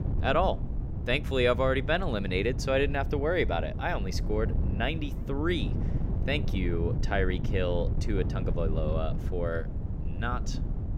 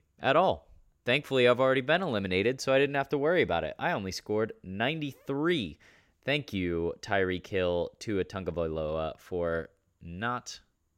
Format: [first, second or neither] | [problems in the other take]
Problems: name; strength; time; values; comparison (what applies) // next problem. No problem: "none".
second | wind noise on the microphone; occasional gusts; 15 dB below the speech